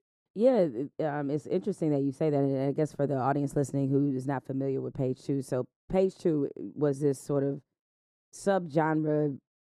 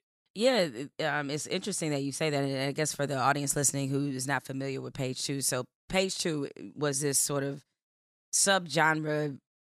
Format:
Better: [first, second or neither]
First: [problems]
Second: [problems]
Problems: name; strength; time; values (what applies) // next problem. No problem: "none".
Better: second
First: muffled; very; fading above 1.5 kHz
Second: none